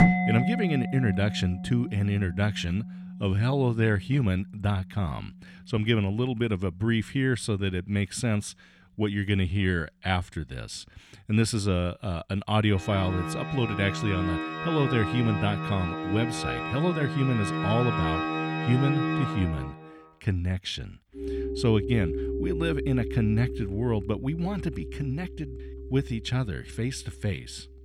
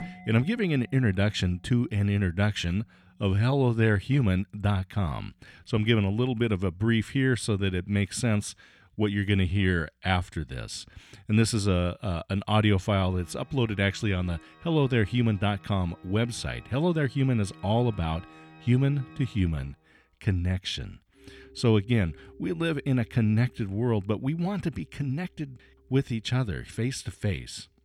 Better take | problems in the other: second | background music; loud; throughout; 4 dB below the speech; faint in the second

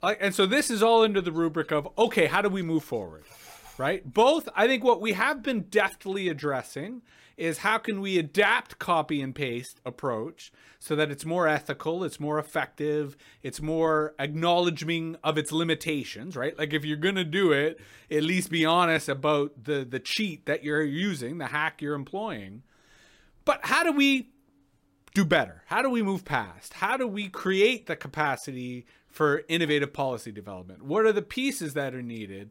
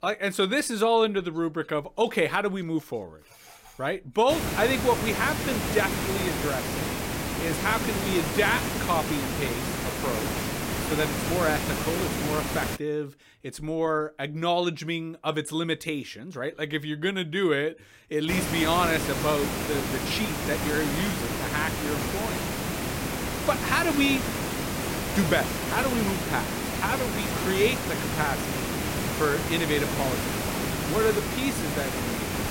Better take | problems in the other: first | hiss; loud; from 4.5 to 13 s and from 18 s on; 1 dB below the speech

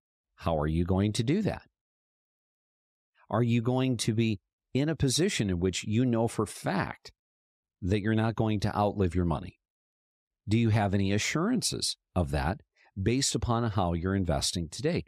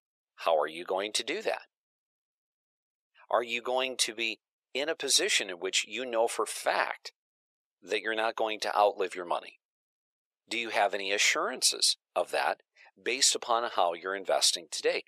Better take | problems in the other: first | thin; very; fading below 500 Hz

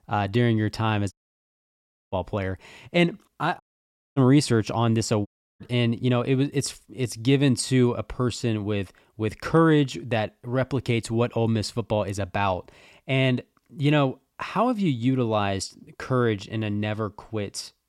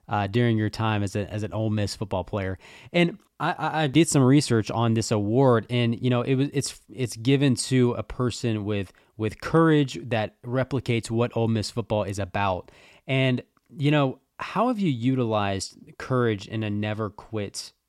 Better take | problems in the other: second | audio cutting out; at 1 s for 1 s, at 3.5 s for 0.5 s and at 5.5 s

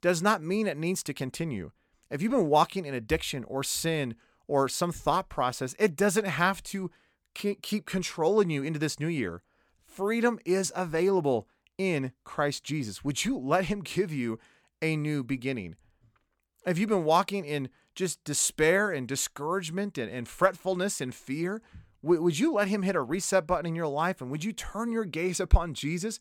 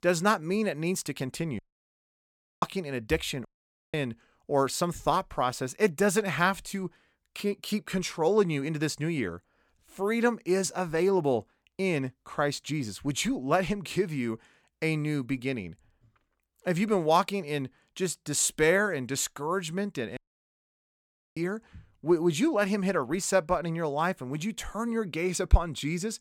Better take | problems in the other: first | audio cutting out; at 1.5 s for 1 s, at 3.5 s and at 20 s for 1 s

